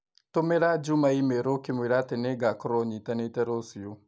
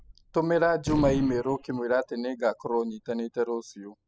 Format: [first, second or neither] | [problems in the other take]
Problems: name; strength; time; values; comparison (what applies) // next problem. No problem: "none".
first | noise reduction (classical method spectral subtraction)